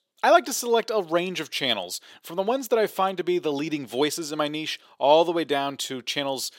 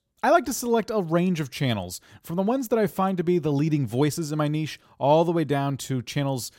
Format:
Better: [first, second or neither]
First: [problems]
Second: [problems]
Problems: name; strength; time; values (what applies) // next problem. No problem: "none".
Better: second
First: thin; somewhat; fading below 400 Hz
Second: none